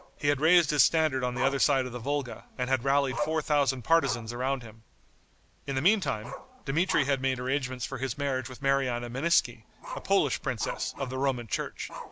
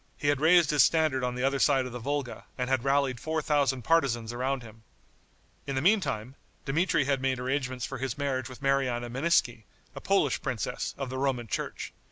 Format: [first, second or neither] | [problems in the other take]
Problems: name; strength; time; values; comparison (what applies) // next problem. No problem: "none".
second | background sound (Growling); 14 dB below the speech